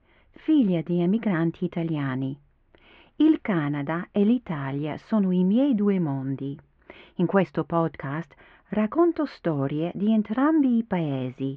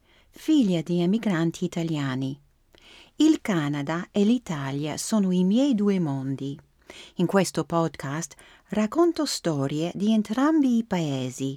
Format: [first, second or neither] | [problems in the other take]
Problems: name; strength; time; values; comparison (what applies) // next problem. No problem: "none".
second | muffled; very; fading above 2.5 kHz